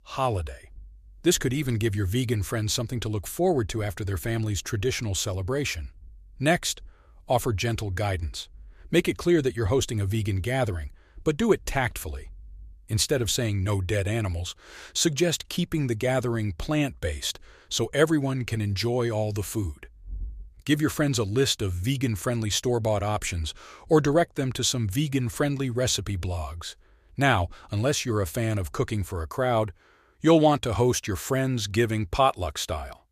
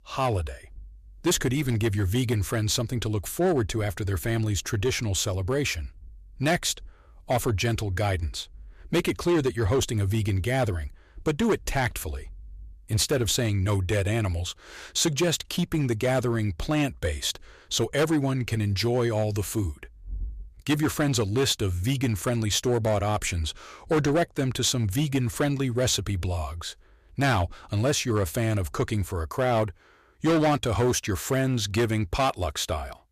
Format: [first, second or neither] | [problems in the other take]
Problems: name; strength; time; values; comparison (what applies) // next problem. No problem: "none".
first | distortion; slight; 6% of the sound clipped